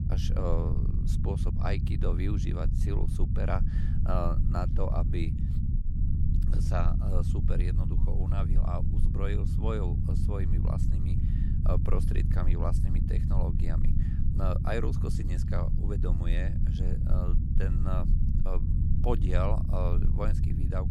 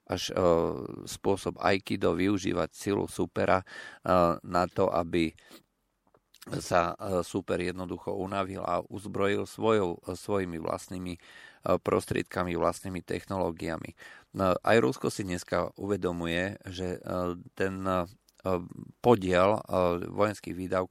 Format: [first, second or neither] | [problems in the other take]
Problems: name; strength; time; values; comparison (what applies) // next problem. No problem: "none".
second | low rumble; loud; throughout; 4 dB below the speech